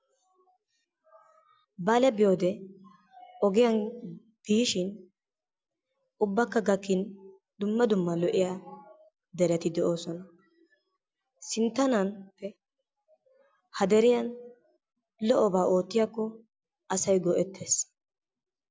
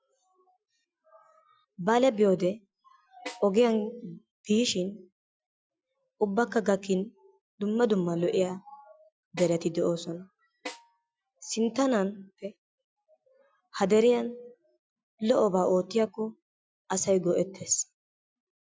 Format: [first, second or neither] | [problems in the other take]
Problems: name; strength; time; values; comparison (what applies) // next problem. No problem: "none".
first | noise reduction (classical method Wiener filter)